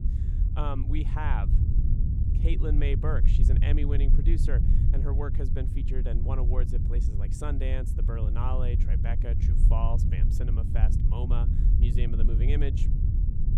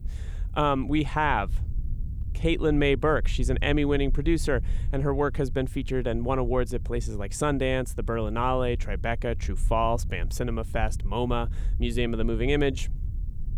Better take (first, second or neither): second